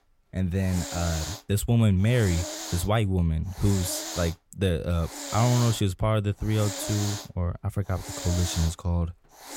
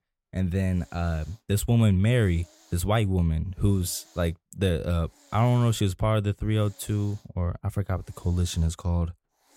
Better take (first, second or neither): second